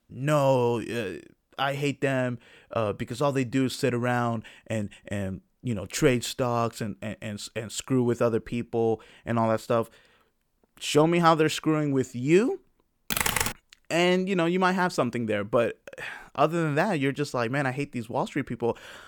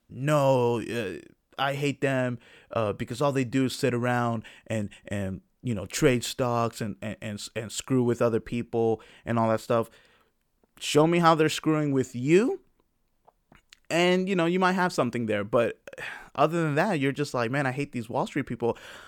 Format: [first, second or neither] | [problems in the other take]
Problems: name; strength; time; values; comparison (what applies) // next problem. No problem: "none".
second | keyboard typing; loud; at 13 s; peak 2 dB above the speech